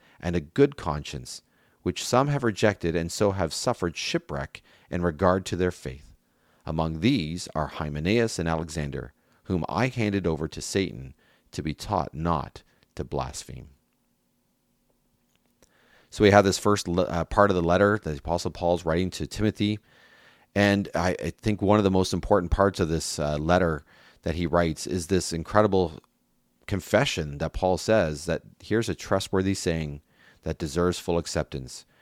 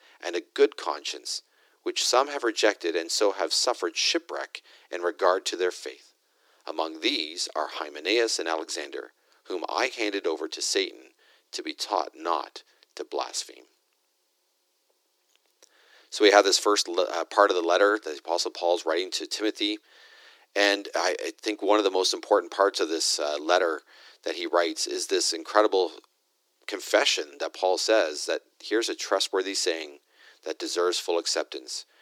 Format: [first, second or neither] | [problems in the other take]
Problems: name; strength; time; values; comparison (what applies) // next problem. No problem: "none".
first | thin; very; fading below 300 Hz